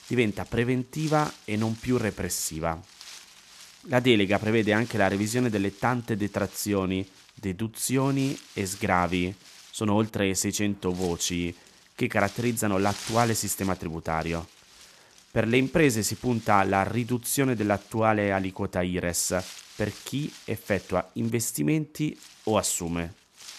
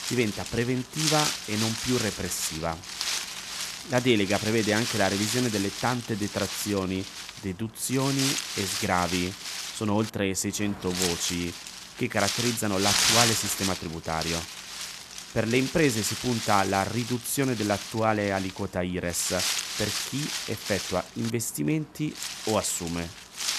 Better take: first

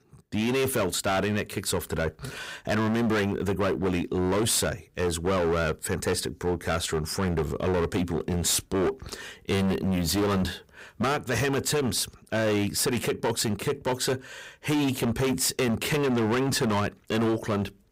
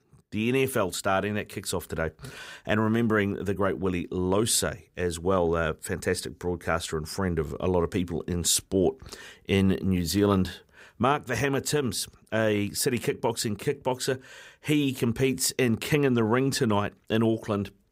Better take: second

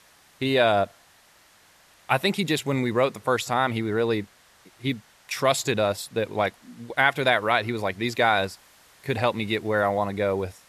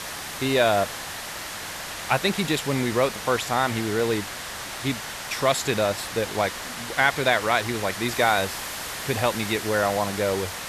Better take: first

